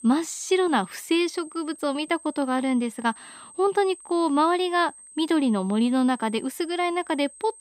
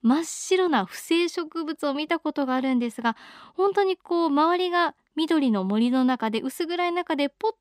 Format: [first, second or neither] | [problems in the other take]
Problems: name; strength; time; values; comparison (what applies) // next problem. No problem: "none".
second | high-pitched whine; noticeable; throughout; 8.5 kHz, 20 dB below the speech